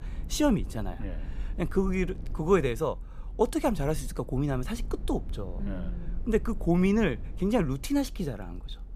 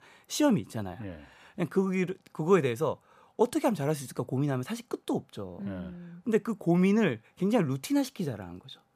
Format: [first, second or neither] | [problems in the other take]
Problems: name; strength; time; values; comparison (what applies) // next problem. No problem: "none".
second | low rumble; faint; throughout; 25 dB below the speech